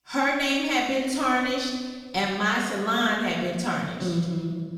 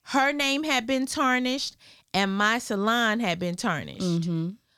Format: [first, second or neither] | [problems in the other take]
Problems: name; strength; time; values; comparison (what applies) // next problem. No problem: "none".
second | room echo; noticeable; dies away in 1.4 s // off-mic speech; far